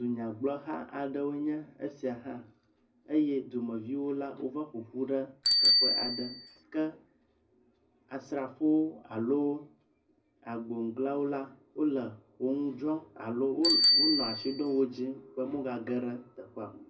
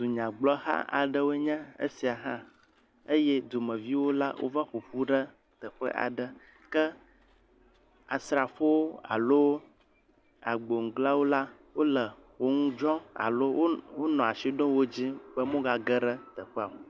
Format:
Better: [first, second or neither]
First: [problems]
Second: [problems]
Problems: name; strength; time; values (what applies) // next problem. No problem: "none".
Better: second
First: background sound (Bicycle bell); 2 dB below the speech // room echo; dies away in 0.4 s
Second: none